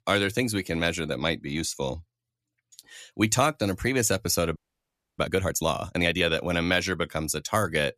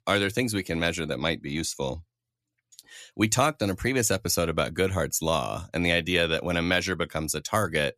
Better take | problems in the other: second | audio freezing; at 4.5 s for 0.5 s

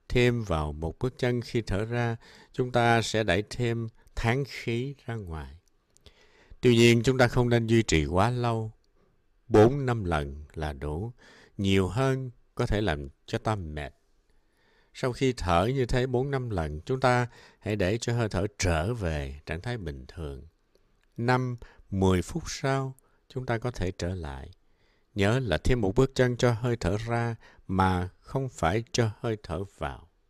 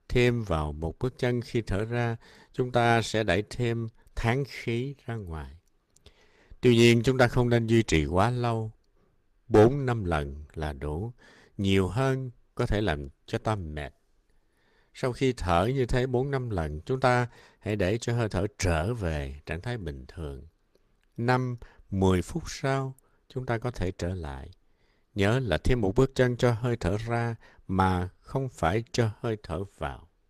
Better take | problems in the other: first | garbled, watery; slightly; nothing above 14.5 kHz

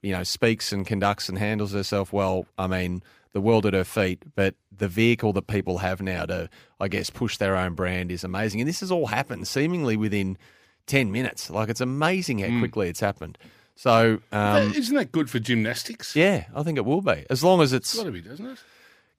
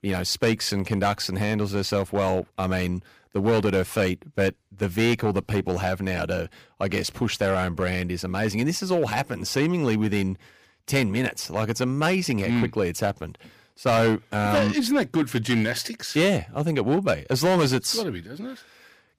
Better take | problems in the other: first | distortion; slight; 5% of the sound clipped

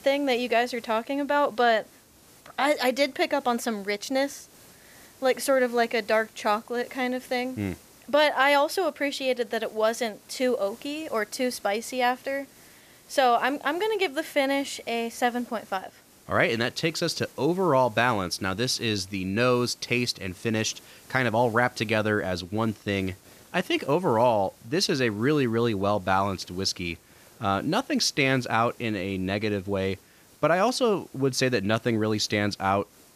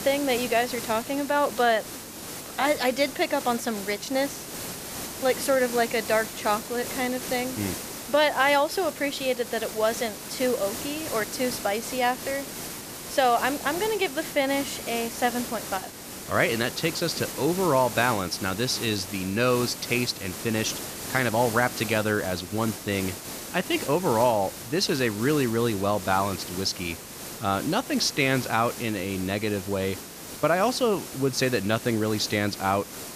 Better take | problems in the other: first | hiss; loud; throughout; 9 dB below the speech; faint in the first

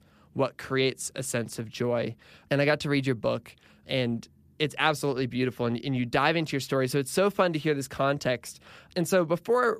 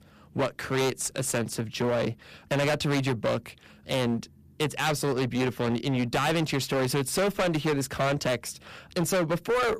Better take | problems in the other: first | distortion; heavy; 20% of the sound clipped

